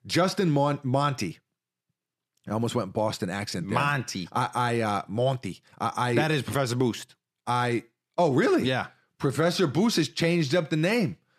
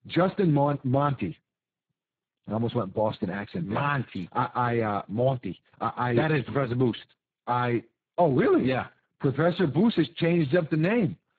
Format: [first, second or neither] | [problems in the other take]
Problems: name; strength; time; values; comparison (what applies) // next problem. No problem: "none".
first | garbled, watery; badly; nothing above 4 kHz